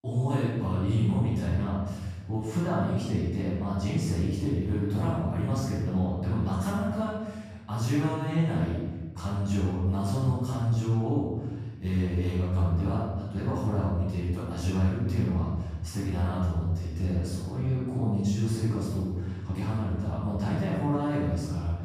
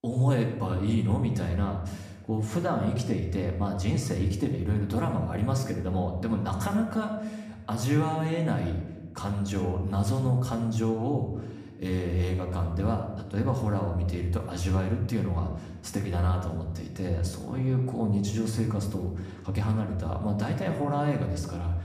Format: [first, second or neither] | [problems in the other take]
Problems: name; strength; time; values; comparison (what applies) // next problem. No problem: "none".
second | room echo; strong; dies away in 1.3 s; slight in the second // off-mic speech; far; somewhat distant in the second